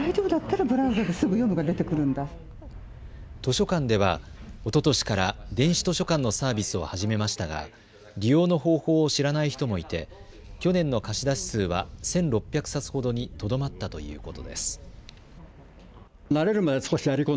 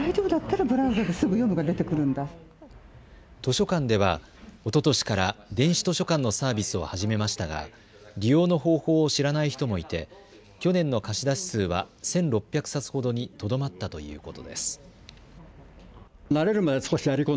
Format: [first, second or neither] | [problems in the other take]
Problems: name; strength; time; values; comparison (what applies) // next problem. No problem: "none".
second | background sound (Wind); 19 dB below the speech